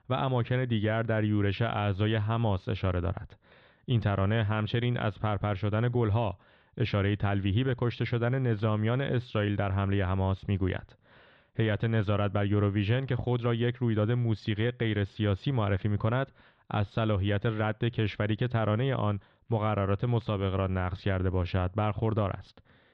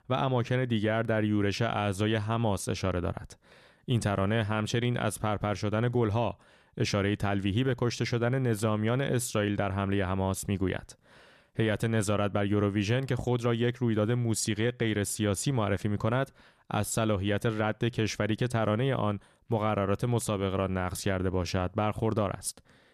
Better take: second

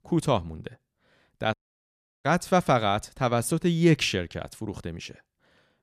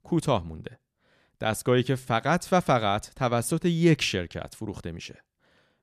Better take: second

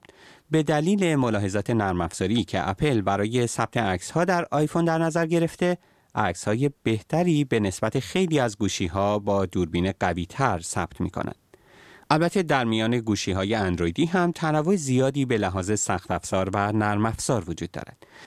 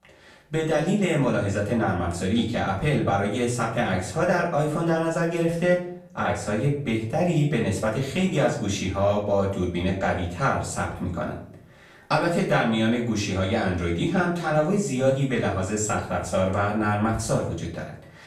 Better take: first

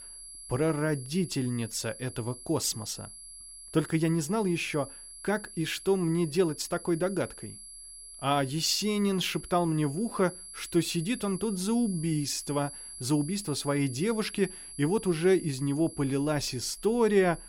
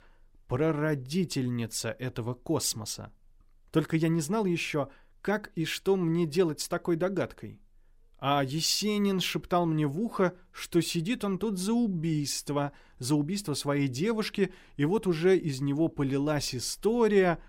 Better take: second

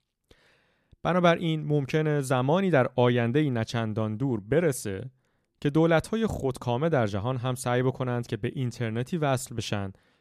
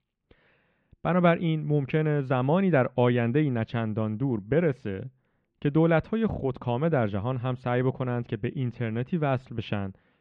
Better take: first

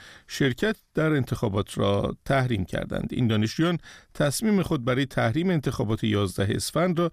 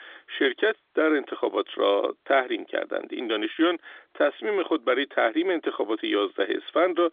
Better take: first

